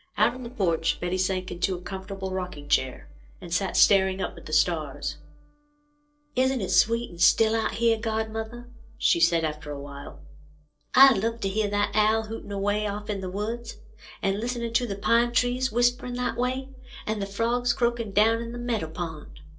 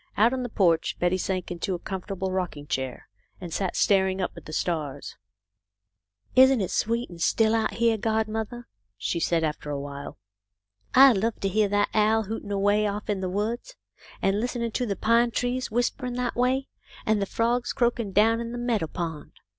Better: second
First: noise reduction (neural separator model SepFormer DNS4)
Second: none

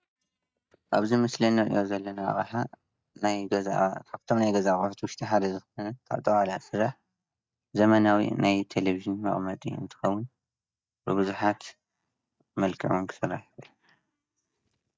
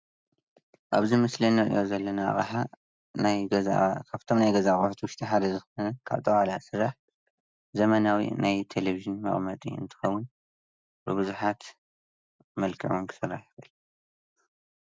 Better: second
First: noise reduction (neural mask model DeepFilterNet 3)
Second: none

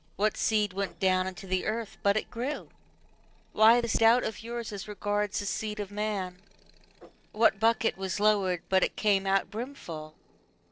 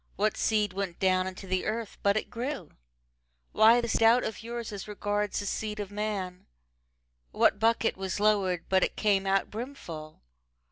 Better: second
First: noise reduction (neural separator model SepFormer DNS4)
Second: none

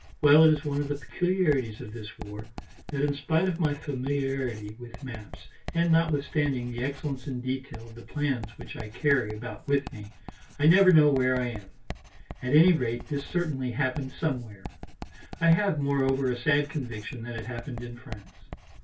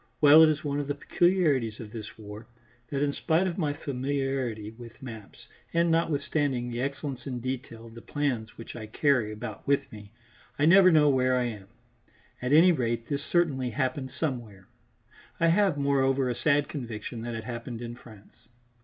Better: second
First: background sound (Writing); 15 dB below the speech // room echo; dies away in 0.2 s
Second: none

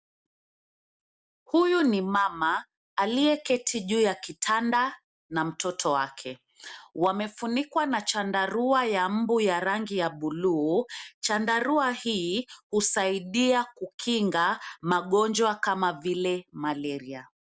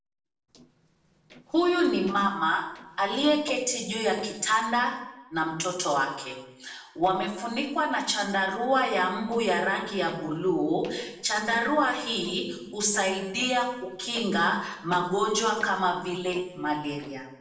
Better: first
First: none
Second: noise reduction (neural separator model SepFormer DNS4)

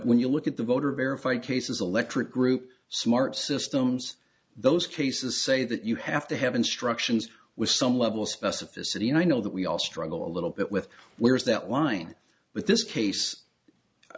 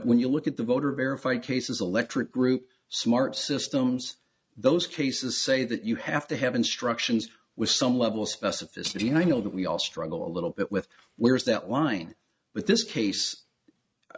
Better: first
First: none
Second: noise reduction (neural mask model RNNoise)

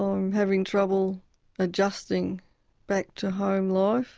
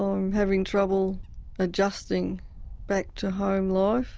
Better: first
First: none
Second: background sound (Wind / Bird); 14 dB below the speech

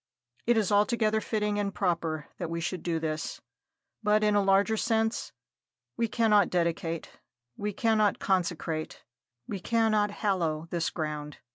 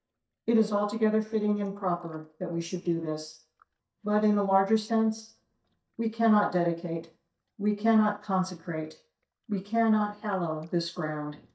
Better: first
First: none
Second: noise reduction (neural mask model DeepFilterNet 3)

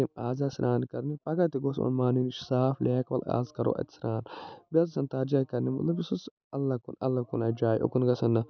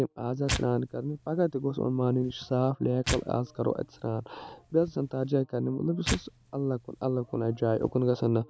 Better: first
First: none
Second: background sound (Tearing); 11 dB below the speech

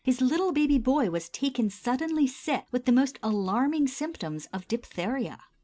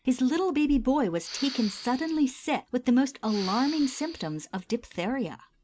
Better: first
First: none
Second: background sound (Respiratory sounds); 14 dB below the speech

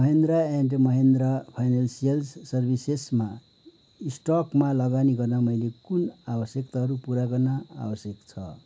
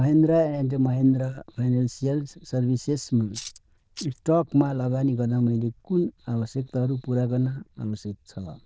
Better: first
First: none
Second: noise reduction (neural diffusion model UNIVERSE++)

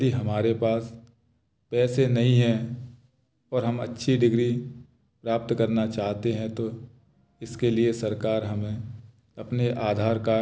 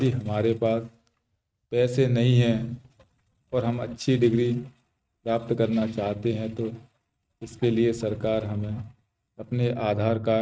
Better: first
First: none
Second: noise reduction (neural mask model RNNoise)

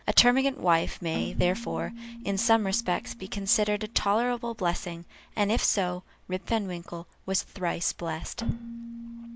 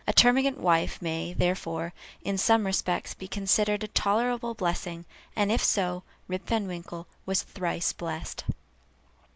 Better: second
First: background sound (Keyboard (musical)); 14 dB below the speech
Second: none

